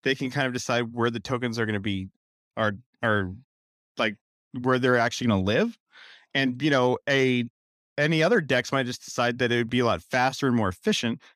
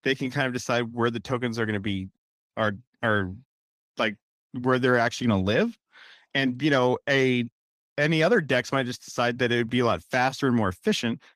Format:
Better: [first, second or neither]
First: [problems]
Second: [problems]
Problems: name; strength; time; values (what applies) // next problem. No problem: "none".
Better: first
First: none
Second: garbled, watery; slightly; nothing above 14.5 kHz